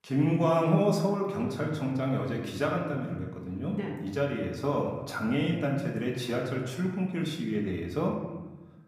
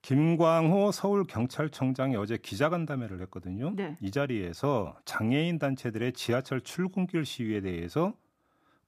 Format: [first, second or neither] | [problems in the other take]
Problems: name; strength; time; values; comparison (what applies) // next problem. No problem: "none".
second | room echo; noticeable; dies away in 1.1 s // off-mic speech; somewhat distant